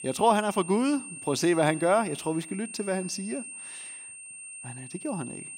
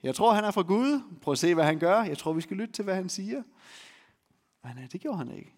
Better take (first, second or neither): second